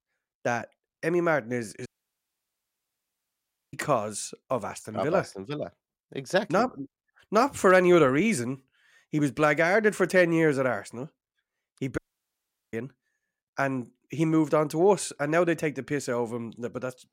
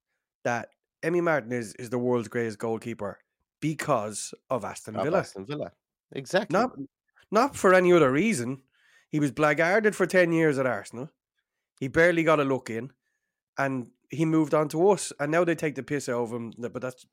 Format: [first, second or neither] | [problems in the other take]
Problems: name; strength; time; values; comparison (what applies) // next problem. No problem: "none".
second | audio cutting out; at 2 s for 2 s and at 12 s for 1 s